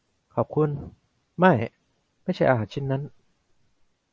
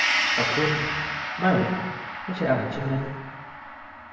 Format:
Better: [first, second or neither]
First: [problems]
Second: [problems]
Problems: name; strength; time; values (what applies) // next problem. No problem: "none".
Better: first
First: none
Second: background sound (Gong); 1 dB below the speech // room echo; dies away in 1.1 s